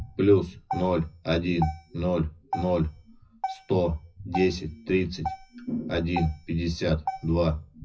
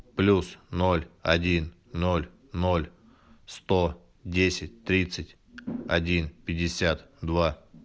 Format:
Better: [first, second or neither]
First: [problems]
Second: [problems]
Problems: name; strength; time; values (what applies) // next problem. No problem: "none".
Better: second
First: noise reduction (classical method WPE with log-MMSE)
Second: none